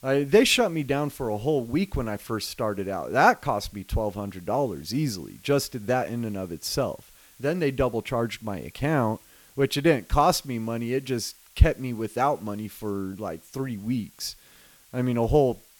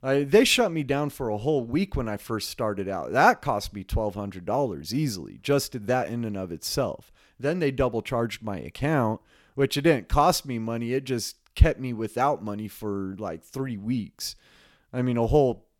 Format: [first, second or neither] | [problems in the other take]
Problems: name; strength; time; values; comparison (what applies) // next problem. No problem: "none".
second | hiss; faint; throughout; 25 dB below the speech